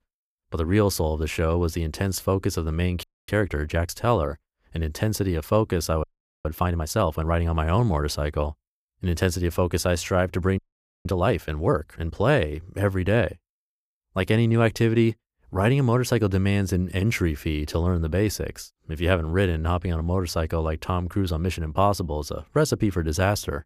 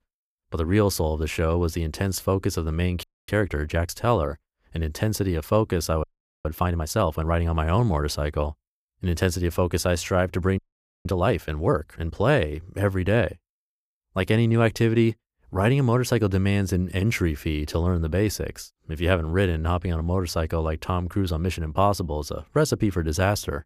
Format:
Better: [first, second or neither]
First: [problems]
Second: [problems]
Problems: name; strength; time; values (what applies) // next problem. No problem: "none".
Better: neither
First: audio freezing; at 3 s, at 6 s and at 11 s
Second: audio freezing; at 3 s, at 6 s and at 11 s